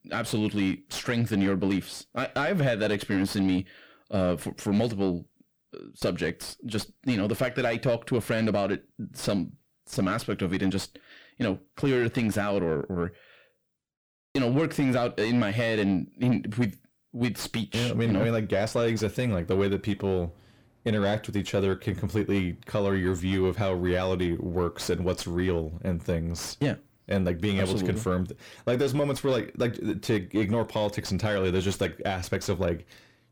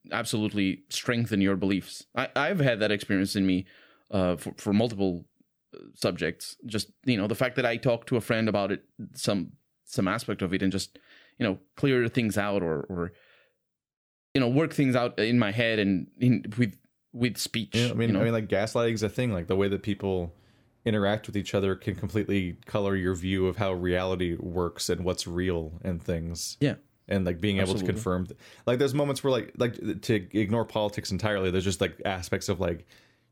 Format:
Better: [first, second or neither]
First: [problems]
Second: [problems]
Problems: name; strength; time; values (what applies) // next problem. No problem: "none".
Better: second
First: distortion; slight; 10 dB below the speech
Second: none